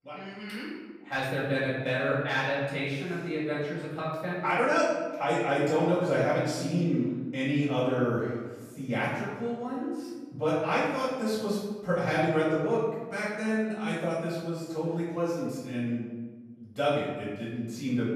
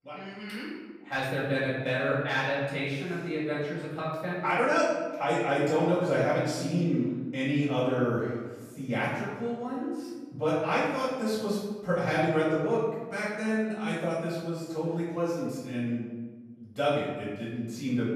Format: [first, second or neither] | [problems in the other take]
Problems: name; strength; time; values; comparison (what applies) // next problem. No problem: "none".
neither | room echo; noticeable; dies away in 1.2 s; the same in both // off-mic speech; far; the same in both